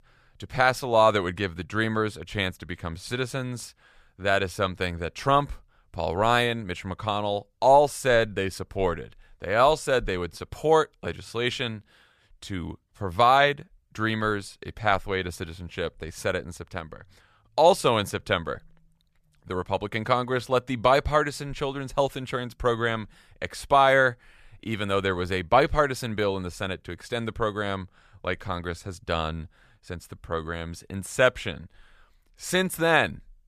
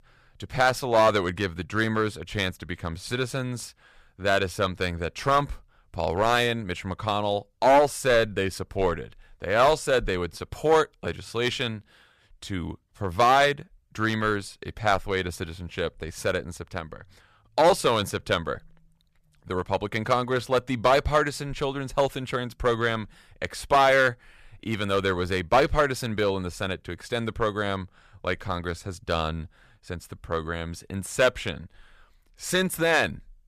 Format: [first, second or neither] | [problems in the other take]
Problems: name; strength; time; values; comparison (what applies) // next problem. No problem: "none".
first | distortion; slight; 2% of the sound clipped